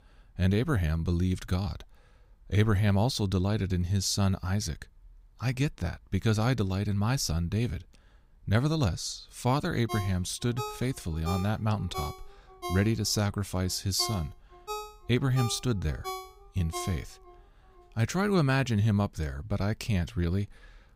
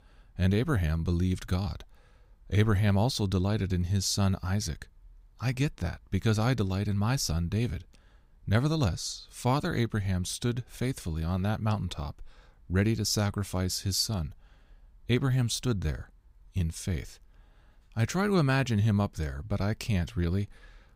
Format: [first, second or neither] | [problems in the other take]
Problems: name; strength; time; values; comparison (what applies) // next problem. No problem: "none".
second | phone ringing; noticeable; from 10 to 17 s; peak 9 dB below the speech